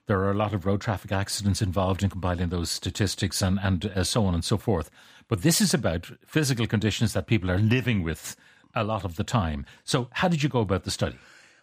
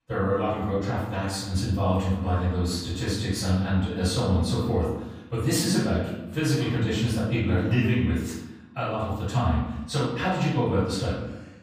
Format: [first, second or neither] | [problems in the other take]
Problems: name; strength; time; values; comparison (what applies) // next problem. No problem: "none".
first | off-mic speech; far // room echo; noticeable; dies away in 0.9 s